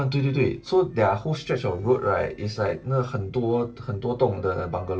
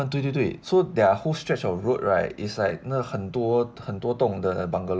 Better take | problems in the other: second | noise reduction (neural separator model SepFormer DNS4)

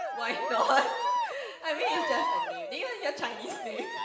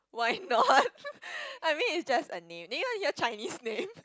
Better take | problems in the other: second | background sound (Cheering); 1 dB below the speech // room echo; dies away in 0.9 s

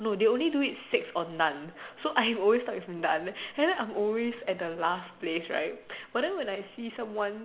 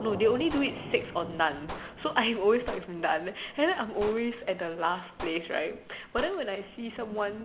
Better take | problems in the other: first | background sound (Thunder / Rain + Gunshot, gunfire); 13 dB below the speech

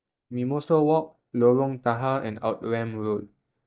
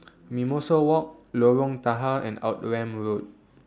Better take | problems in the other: second | noise reduction (neural mask model DeepFilterNet 3)

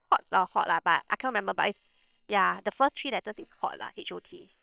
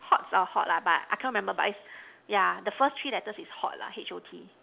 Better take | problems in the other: second | noise reduction (neural separator model SepFormer WHAM!)

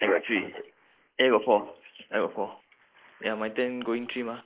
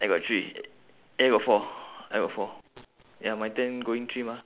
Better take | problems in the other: second | noise reduction (neural mask model Resemble Enhance denoiser)

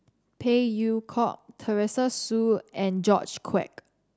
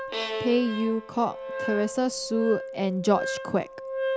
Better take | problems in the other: first | background sound (Wind instrument, woodwind instrument + Bowed string instrument); 6 dB below the speech

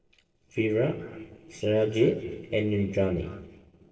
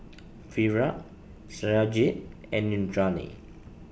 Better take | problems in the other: second | noise reduction (neural separator model SepFormer DNS4)

